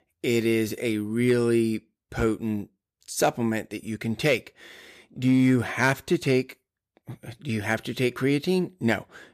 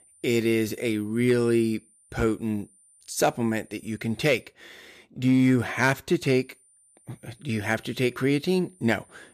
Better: first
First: none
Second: high-pitched whine; faint; until 4.5 s and from 6 s on; 9 kHz, 30 dB below the speech

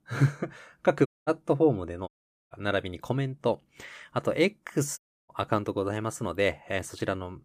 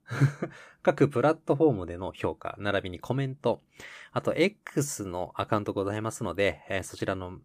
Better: second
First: audio cutting out; at 1 s, at 2 s and at 5 s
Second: none

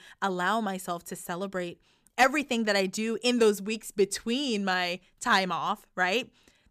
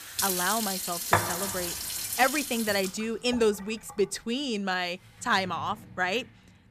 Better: first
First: none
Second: household noises; loud; throughout; as loud as the speech

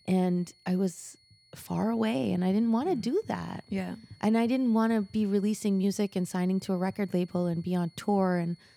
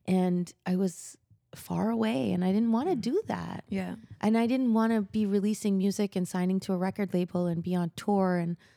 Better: second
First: high-pitched whine; faint; throughout; 4.5 kHz, 30 dB below the speech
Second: none

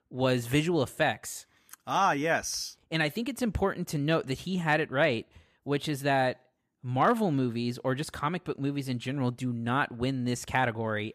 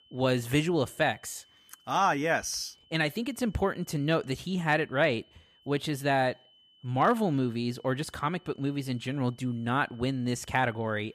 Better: first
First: none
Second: high-pitched whine; faint; throughout; 3 kHz, 30 dB below the speech

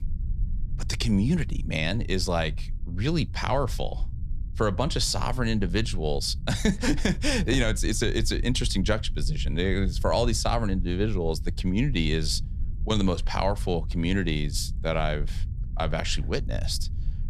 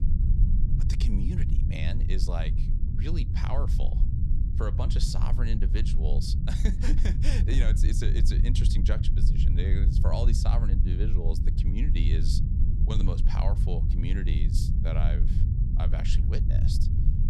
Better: first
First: low rumble; faint; throughout; 20 dB below the speech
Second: low rumble; loud; throughout; 4 dB below the speech

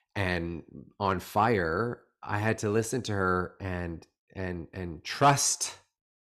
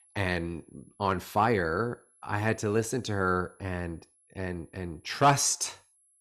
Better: first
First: none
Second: high-pitched whine; faint; throughout; 11 kHz, 35 dB below the speech

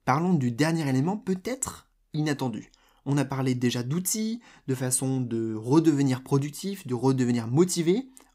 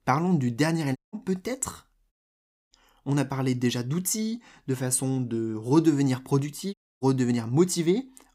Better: first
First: none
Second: audio cutting out; at 1 s, at 2 s for 0.5 s and at 6.5 s

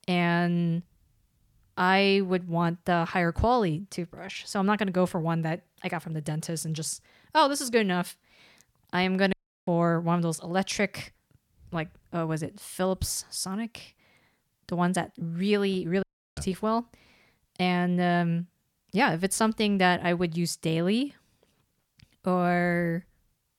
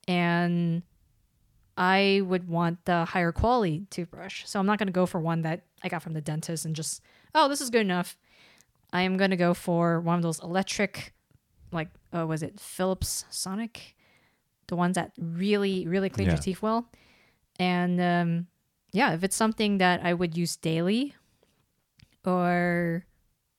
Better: second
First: audio cutting out; at 9.5 s and at 16 s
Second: none

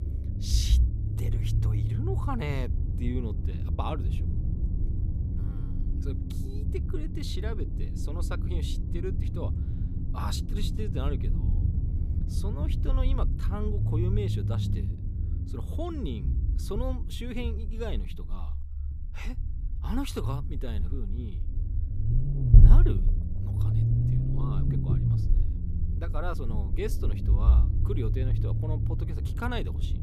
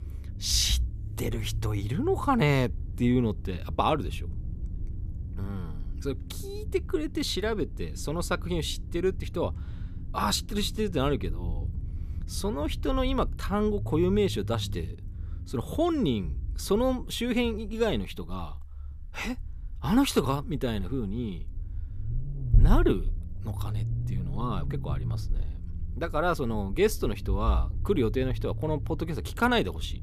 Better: second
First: low rumble; loud; throughout; 4 dB below the speech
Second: low rumble; faint; throughout; 20 dB below the speech

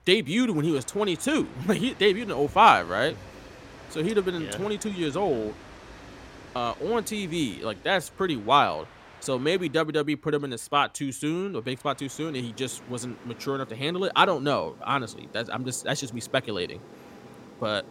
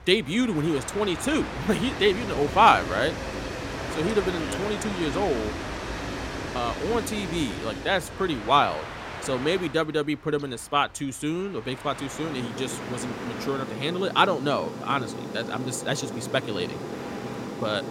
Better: first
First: train or aircraft noise; faint; throughout; 20 dB below the speech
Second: train or aircraft noise; loud; throughout; 8 dB below the speech

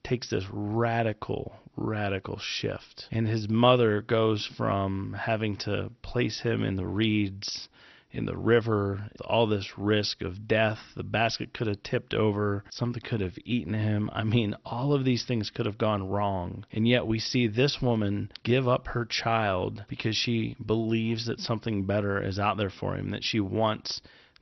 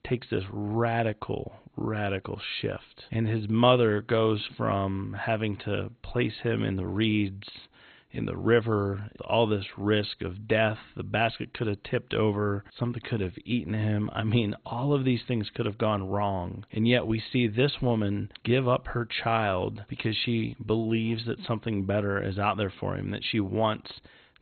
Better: first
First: garbled, watery; slightly; nothing above 6 kHz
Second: garbled, watery; badly; nothing above 4 kHz

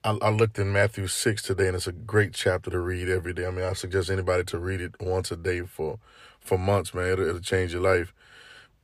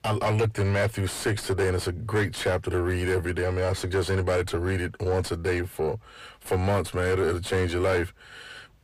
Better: first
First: none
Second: distortion; heavy; 7 dB below the speech

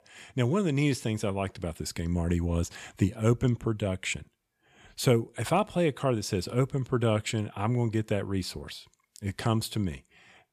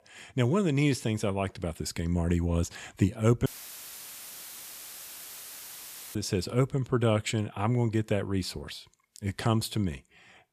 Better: first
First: none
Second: audio cutting out; filled with static; at 3.5 s for 2.5 s

